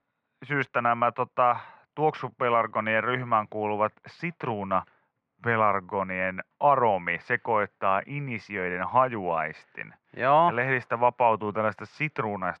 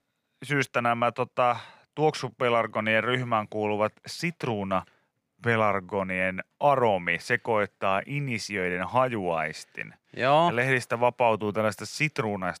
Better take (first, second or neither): second